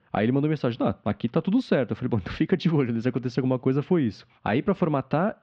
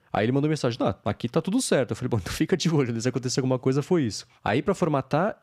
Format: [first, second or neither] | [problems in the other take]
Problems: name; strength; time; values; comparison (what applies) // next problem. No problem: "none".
second | muffled; slightly; fading above 3.5 kHz